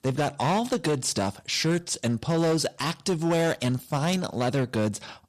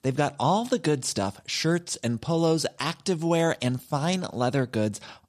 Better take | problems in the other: second | distortion; slight; 11% of the sound clipped

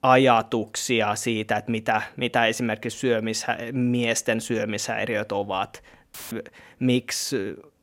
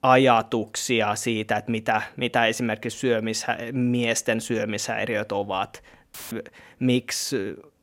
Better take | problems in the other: neither | audio cutting out; filled with static; at 6 s; the same in both

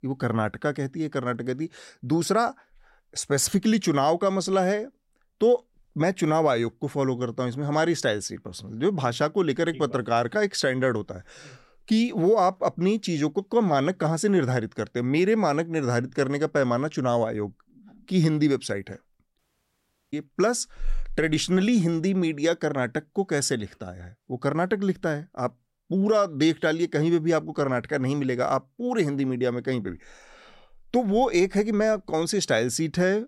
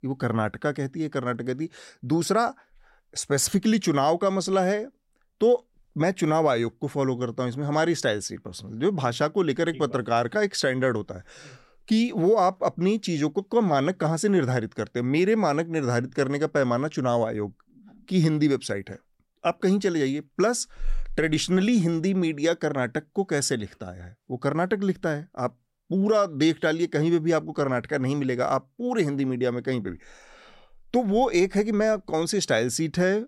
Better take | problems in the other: second | audio cutting out; at 19 s for 0.5 s

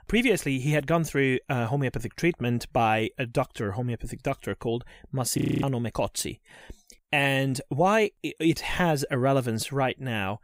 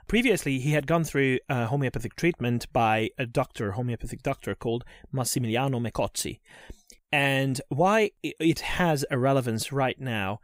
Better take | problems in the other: second | audio freezing; at 5.5 s

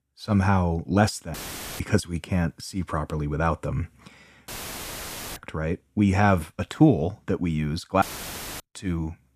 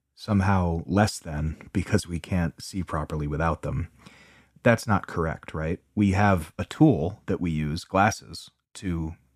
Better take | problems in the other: second | audio cutting out; filled with static; at 1.5 s, at 4.5 s for 1 s and at 8 s for 0.5 s

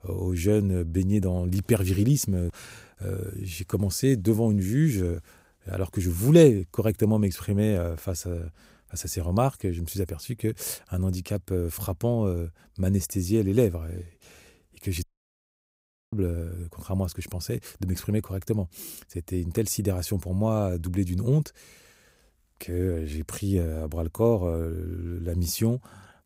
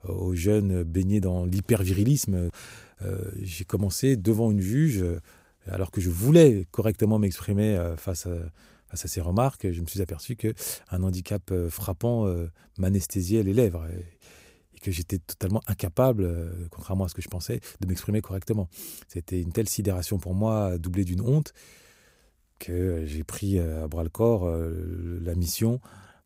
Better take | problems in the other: second | audio cutting out; at 15 s for 1 s

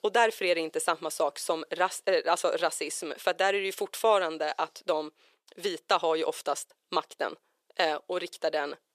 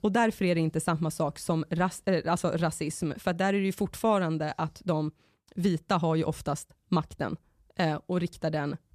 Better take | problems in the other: second | thin; very; fading below 450 Hz

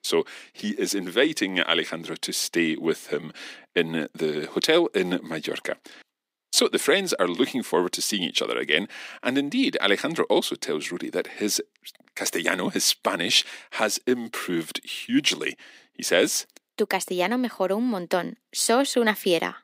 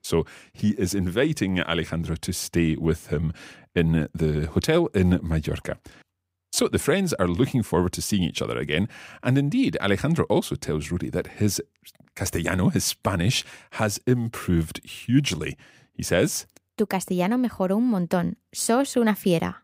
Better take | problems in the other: second | thin; somewhat; fading below 250 Hz

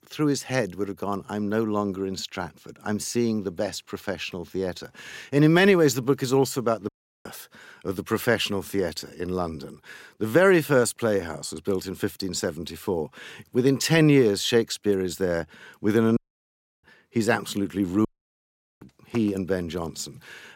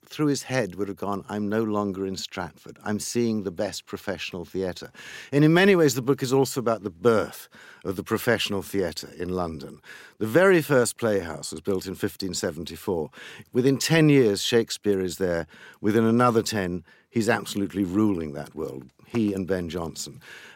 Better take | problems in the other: second | audio cutting out; at 7 s, at 16 s for 0.5 s and at 18 s for 1 s

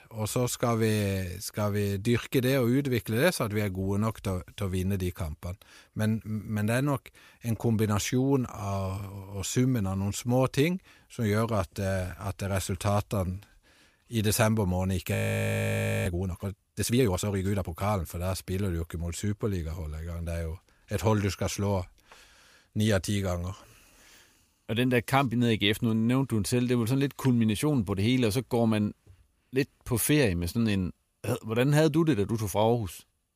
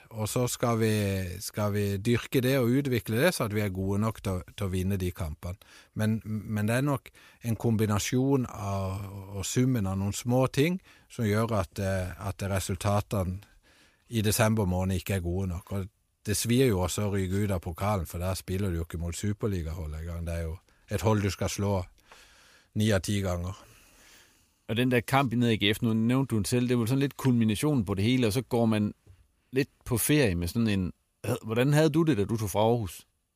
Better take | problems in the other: second | audio freezing; at 15 s for 1 s

